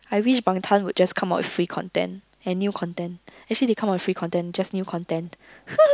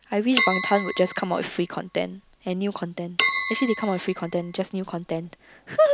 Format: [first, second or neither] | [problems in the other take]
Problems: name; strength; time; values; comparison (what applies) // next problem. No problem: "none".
first | background sound (Chink, clink); 5 dB below the speech